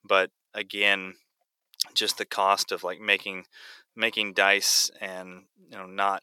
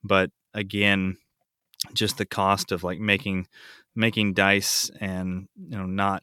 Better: second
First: thin; very; fading below 550 Hz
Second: none

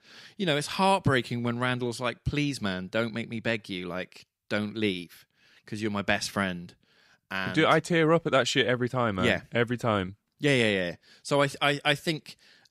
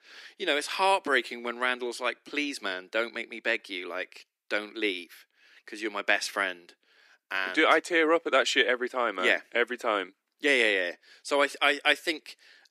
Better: first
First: none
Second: thin; somewhat; fading below 300 Hz

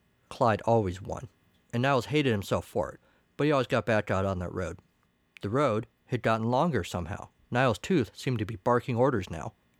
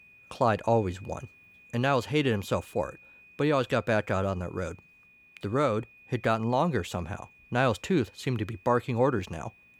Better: first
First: none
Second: high-pitched whine; faint; throughout; 2.5 kHz, 25 dB below the speech

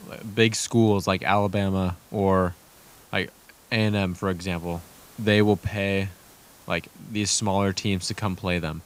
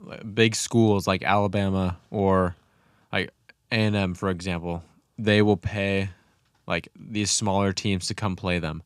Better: second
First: hiss; faint; throughout; 25 dB below the speech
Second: none

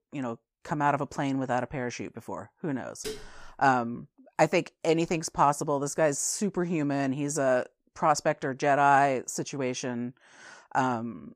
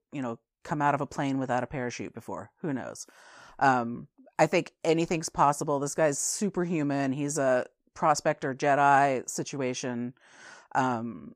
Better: second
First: clattering dishes; faint; at 3 s; peak 10 dB below the speech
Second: none

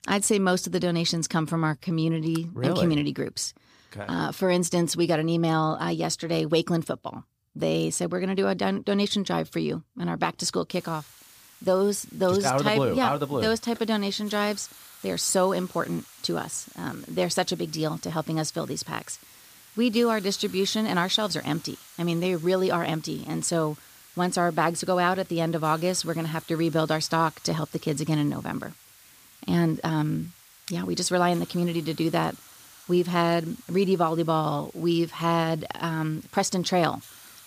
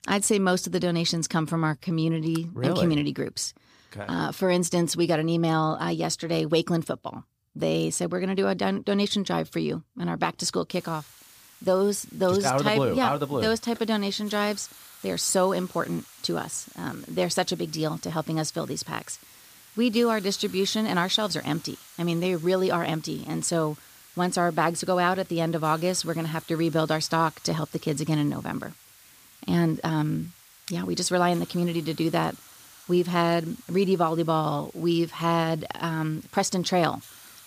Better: neither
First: hiss; faint; from 11 s on; 20 dB below the speech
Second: hiss; faint; from 11 s on; 20 dB below the speech

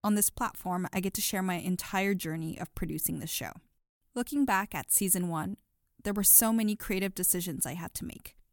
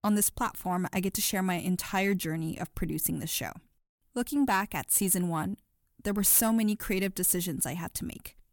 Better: first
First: none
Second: distortion; slight; 10 dB below the speech

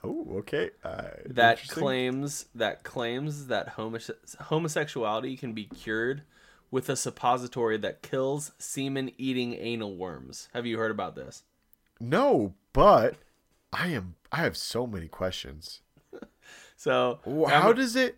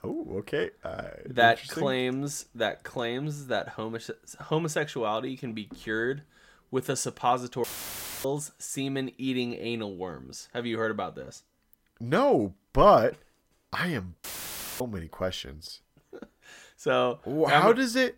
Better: first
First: none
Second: audio cutting out; filled with static; at 7.5 s for 0.5 s and at 14 s for 0.5 s

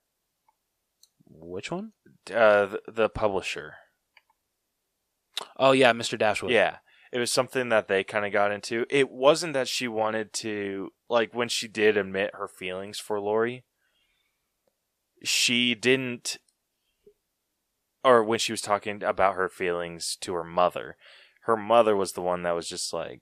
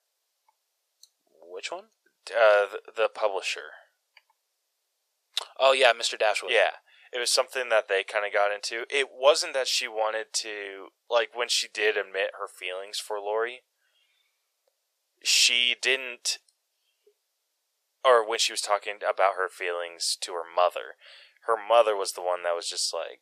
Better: first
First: none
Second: thin; very; fading below 500 Hz

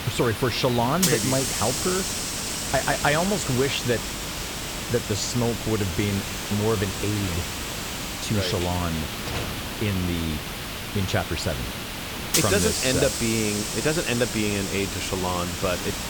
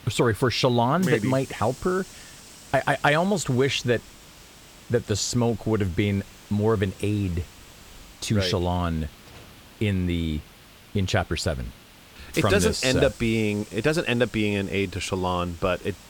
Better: second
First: hiss; loud; throughout; 2 dB below the speech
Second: hiss; faint; throughout; 20 dB below the speech

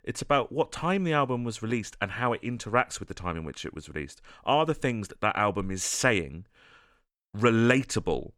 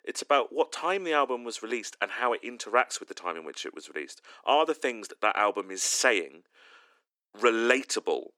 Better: first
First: none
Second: thin; somewhat; fading below 300 Hz

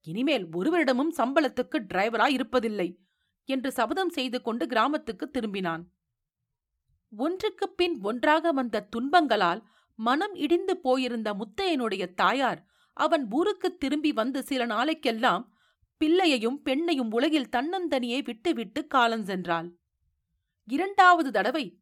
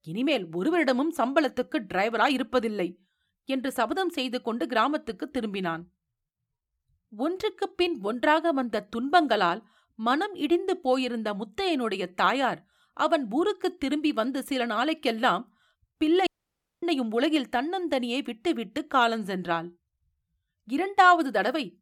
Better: first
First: none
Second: audio cutting out; at 16 s for 0.5 s

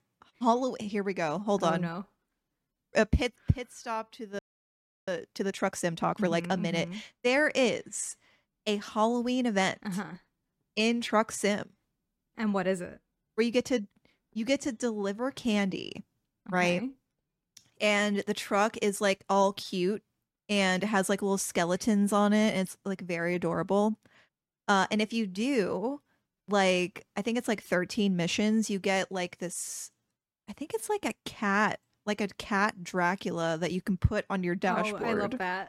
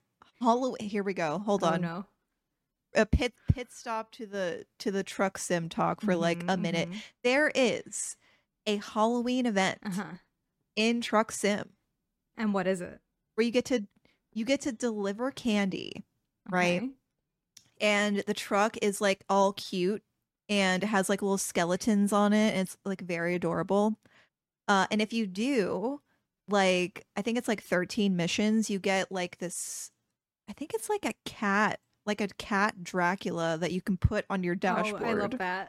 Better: second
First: audio freezing; at 4.5 s for 0.5 s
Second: none

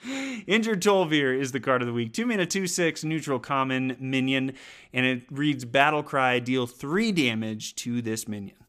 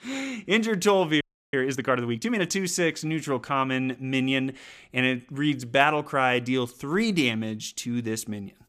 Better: first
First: none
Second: audio freezing; at 1 s

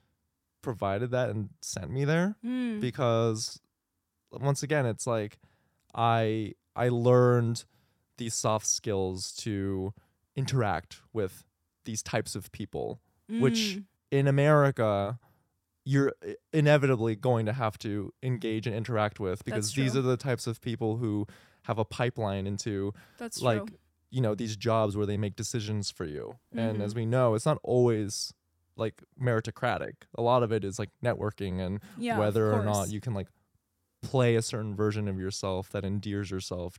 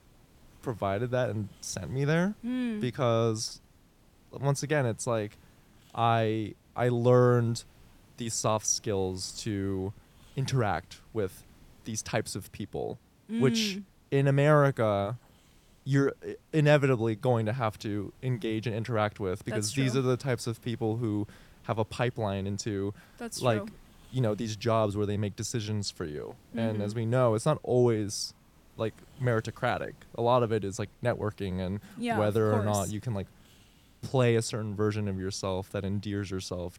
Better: first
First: none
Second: hiss; faint; throughout; 30 dB below the speech

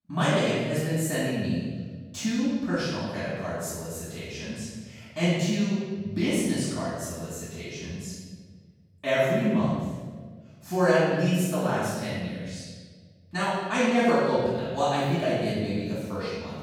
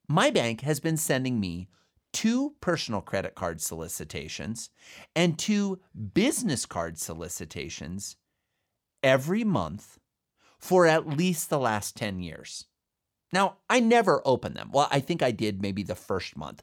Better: second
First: off-mic speech; far // room echo; strong; dies away in 1.4 s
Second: none

